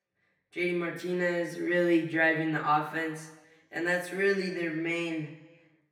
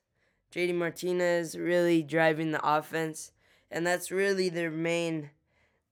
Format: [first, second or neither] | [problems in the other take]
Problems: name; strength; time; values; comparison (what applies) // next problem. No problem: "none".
second | room echo; slight; dies away in 1 s // off-mic speech; far